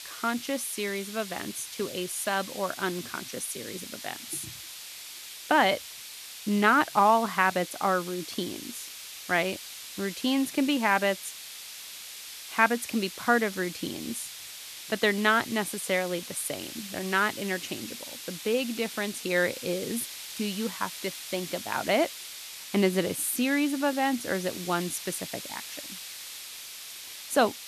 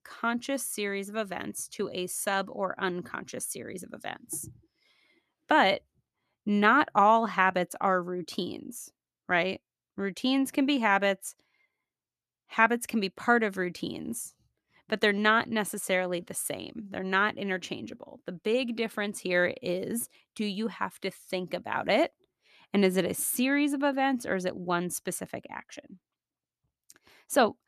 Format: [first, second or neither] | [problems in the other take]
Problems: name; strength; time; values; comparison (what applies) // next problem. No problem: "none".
second | hiss; noticeable; throughout; 10 dB below the speech